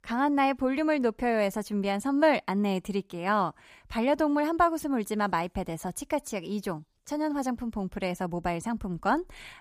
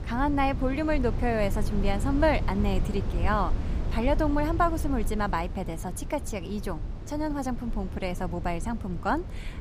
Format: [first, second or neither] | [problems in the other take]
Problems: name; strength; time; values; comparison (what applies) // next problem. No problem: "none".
first | low rumble; noticeable; throughout; 15 dB below the speech